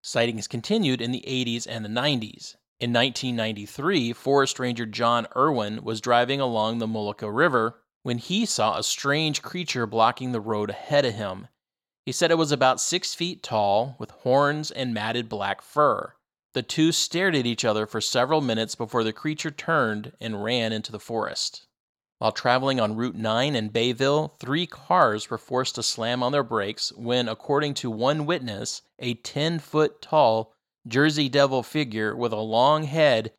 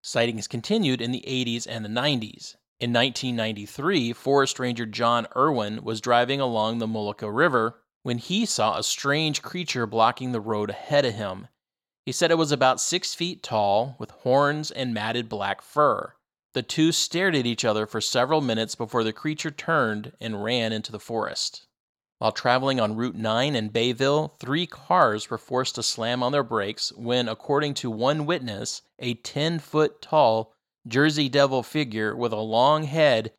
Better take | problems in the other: neither | none

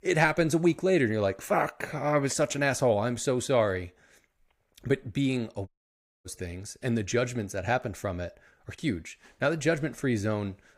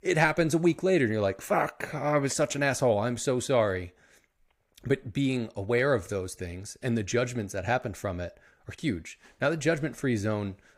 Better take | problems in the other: second | audio cutting out; at 5.5 s for 0.5 s

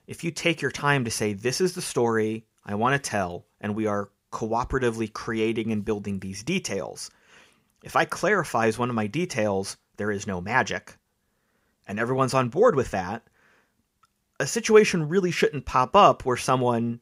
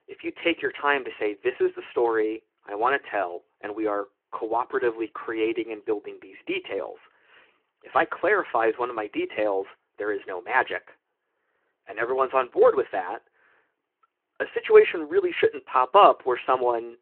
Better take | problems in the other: first | phone-call audio

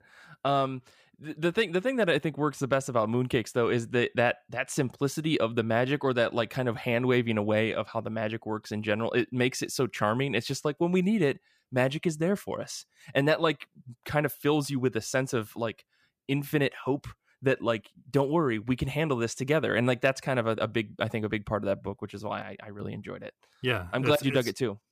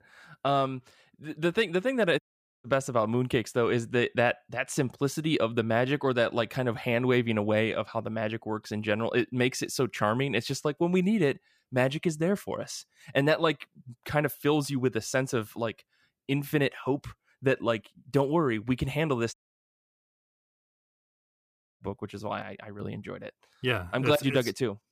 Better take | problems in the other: first | audio cutting out; at 2 s and at 19 s for 2.5 s

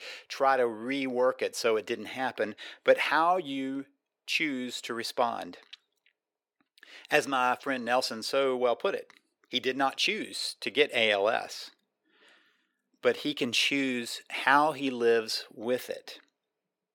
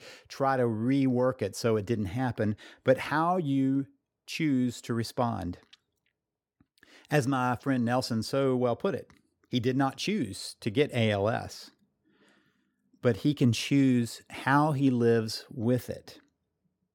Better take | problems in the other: second | thin; somewhat; fading below 500 Hz

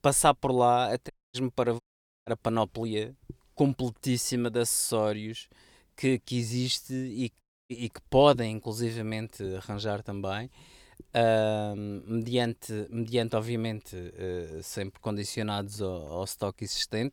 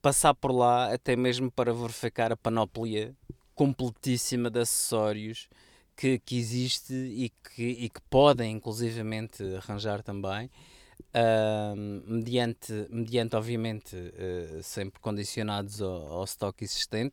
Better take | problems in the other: second | audio cutting out; at 1 s, at 2 s and at 7.5 s

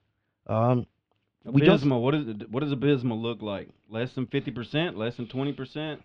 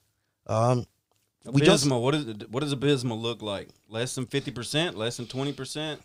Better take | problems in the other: second | muffled; very; fading above 3 kHz

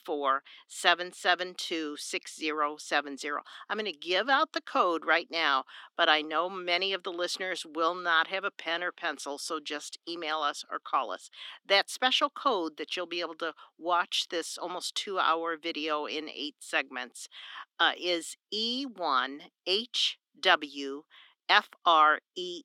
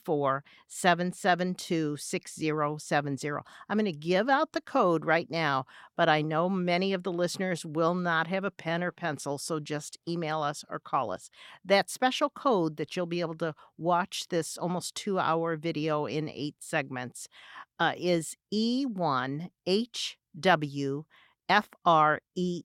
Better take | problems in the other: second | thin; somewhat; fading below 250 Hz

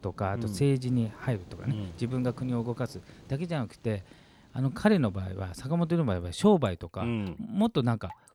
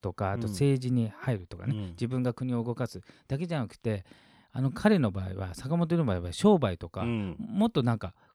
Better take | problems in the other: second | rain or running water; faint; throughout; 20 dB below the speech

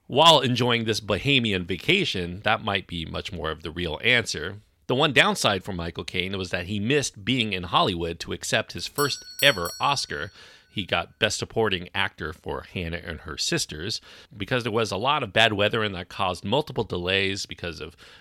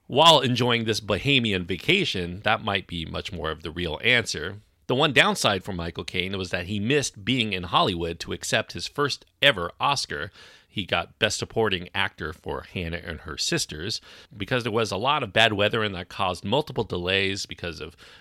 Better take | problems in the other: second | doorbell; noticeable; from 9 to 10 s; peak 8 dB below the speech

